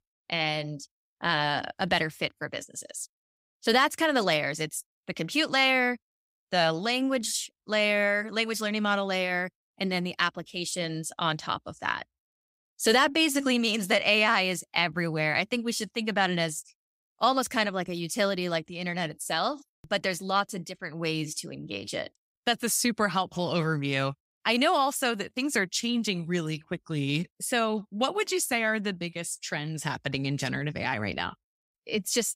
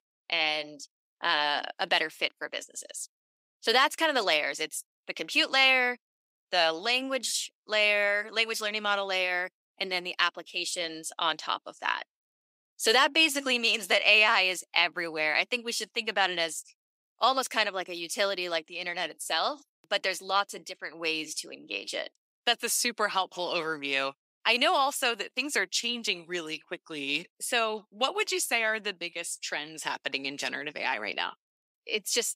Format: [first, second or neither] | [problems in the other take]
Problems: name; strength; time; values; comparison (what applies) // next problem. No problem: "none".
first | thin; somewhat; fading below 350 Hz